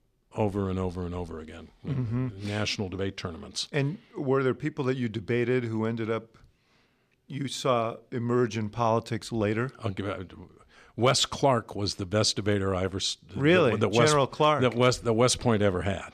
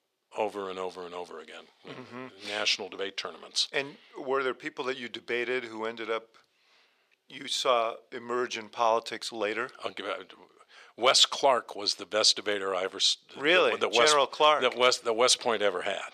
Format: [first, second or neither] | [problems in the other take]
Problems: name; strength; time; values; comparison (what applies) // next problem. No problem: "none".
first | thin; very; fading below 550 Hz